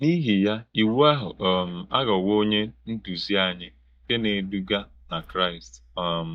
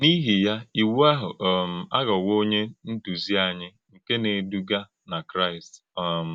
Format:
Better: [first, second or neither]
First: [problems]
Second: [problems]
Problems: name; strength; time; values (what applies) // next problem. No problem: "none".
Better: second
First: noise reduction (neural mask model DeepFilterNet 3)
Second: none